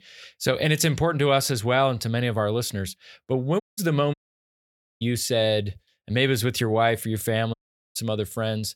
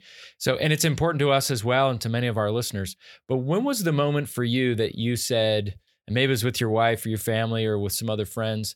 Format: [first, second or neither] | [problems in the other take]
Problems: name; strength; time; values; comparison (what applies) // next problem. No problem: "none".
second | audio cutting out; at 3.5 s, at 4 s for 1 s and at 7.5 s